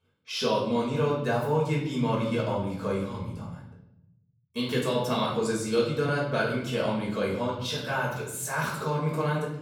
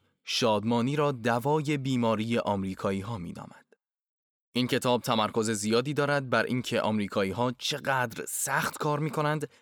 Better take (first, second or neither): second